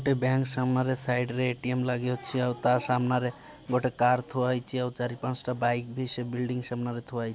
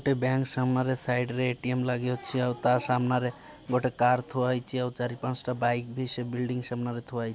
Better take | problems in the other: second | background sound (Keyboard (musical)); 20 dB below the speech

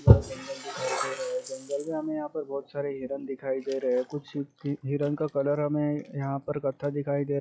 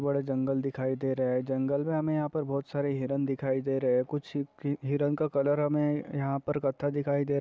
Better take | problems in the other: second | noise reduction (classical method log-MMSE)

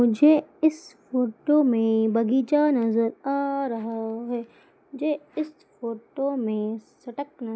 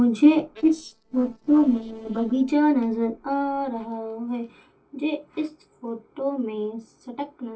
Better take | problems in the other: first | noise reduction (neural separator model SepFormer DNS4)

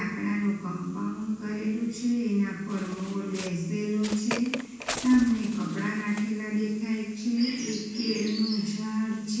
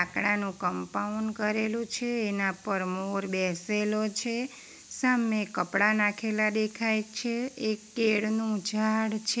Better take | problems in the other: second | background sound (Bird); 13 dB below the speech // room echo; dies away in 1.2 s

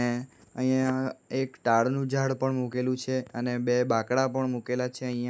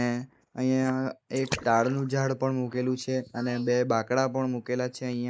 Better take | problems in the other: first | noise reduction (neural mask model Resemble Enhance denoiser)

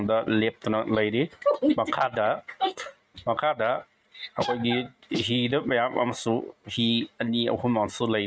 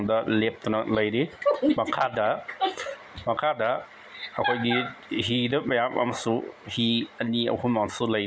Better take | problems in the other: second | noise reduction (neural mask model RNNoise)

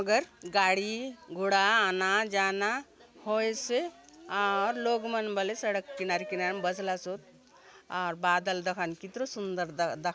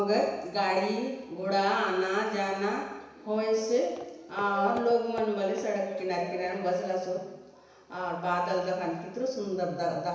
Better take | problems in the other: first | background sound (Walk, footsteps); 18 dB below the speech // room echo; dies away in 1 s

